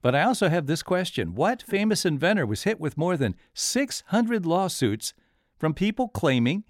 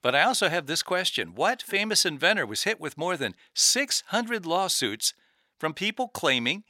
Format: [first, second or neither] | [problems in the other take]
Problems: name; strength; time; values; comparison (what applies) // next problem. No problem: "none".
first | thin; somewhat; fading below 1 kHz